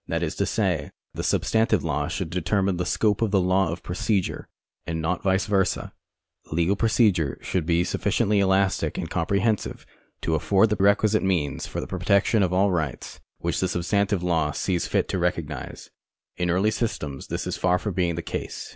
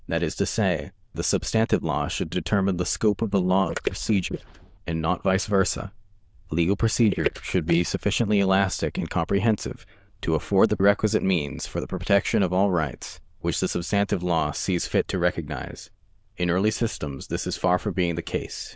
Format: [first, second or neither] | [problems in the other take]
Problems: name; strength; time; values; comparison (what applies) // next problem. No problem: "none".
first | noise reduction (neural diffusion model UNIVERSE++)